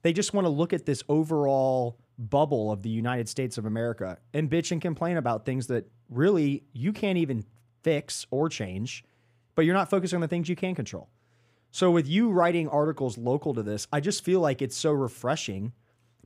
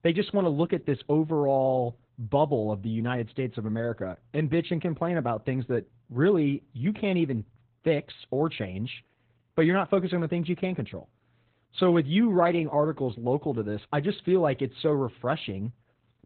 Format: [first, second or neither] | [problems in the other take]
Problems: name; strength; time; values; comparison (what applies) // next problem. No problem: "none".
first | garbled, watery; badly; nothing above 4 kHz